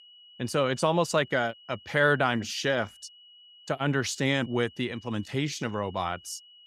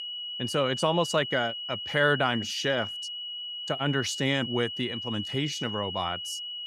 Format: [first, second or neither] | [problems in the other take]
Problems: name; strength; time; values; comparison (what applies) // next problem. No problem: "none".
first | high-pitched whine; loud; throughout; 3 kHz, 5 dB below the speech; faint in the first